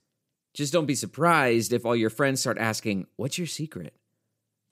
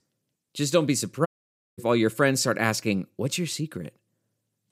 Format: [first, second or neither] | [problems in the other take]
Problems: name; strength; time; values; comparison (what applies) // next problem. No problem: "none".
first | audio cutting out; at 1.5 s for 0.5 s